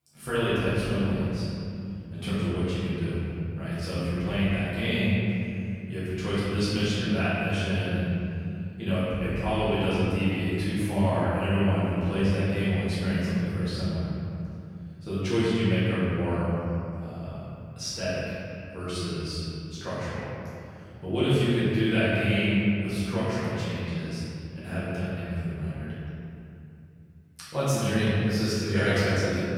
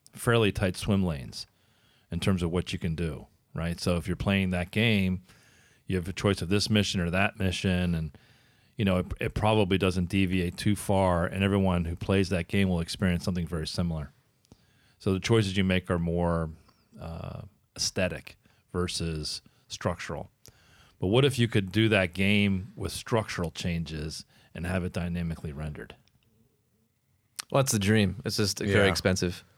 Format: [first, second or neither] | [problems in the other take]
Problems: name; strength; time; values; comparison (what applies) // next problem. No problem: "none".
second | room echo; strong; dies away in 2.8 s // off-mic speech; far